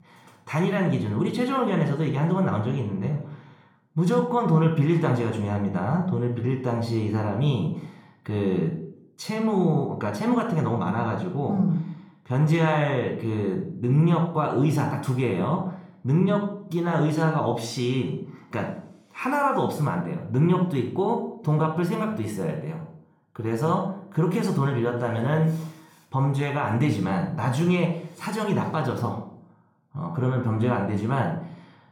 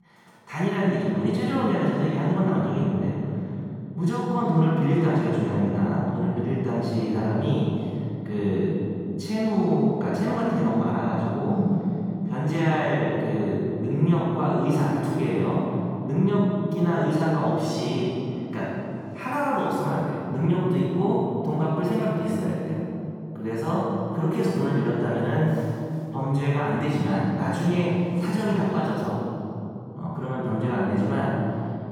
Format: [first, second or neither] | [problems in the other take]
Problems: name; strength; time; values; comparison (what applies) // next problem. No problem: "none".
first | room echo; strong; dies away in 3 s; slight in the first // off-mic speech; far; somewhat distant in the first